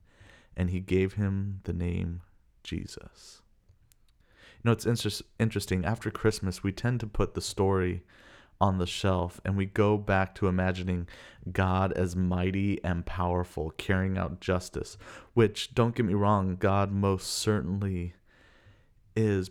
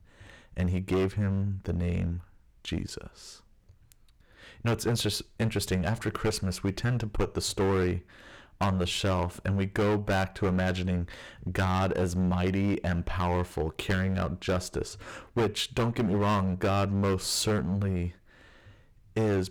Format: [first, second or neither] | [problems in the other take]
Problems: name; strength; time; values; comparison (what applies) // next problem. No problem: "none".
first | distortion; heavy; 11% of the sound clipped